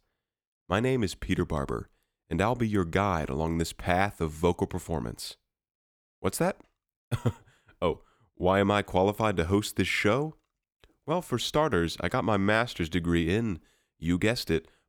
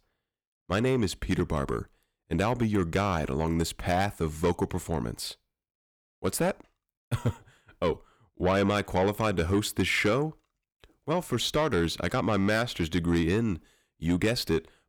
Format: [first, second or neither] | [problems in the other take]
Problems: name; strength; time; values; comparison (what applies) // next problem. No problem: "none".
first | distortion; slight; 10 dB below the speech